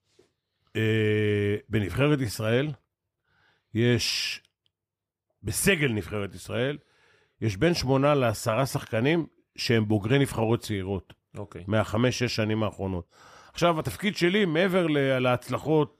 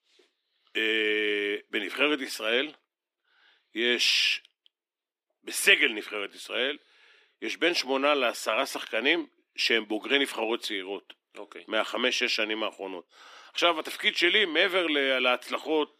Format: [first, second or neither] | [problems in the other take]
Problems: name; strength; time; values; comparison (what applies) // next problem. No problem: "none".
first | thin; somewhat; fading below 250 Hz